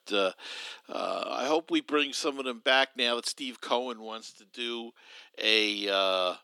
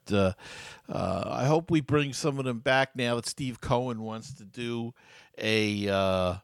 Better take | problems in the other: second | thin; somewhat; fading below 250 Hz

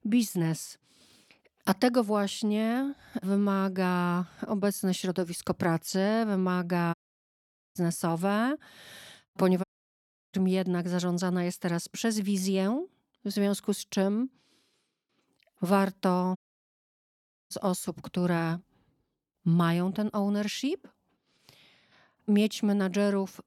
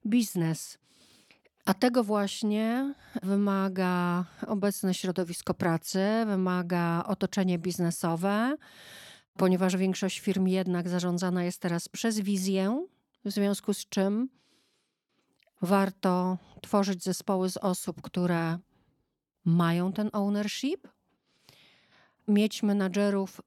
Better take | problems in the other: second | audio cutting out; at 7 s for 1 s, at 9.5 s for 0.5 s and at 16 s for 1 s

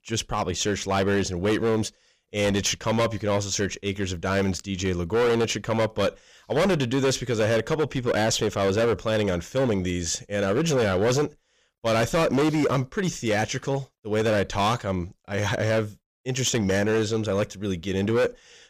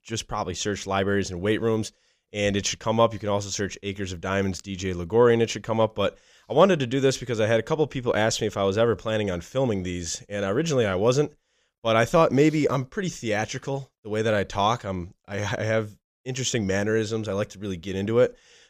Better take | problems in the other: second | distortion; heavy; 13% of the sound clipped

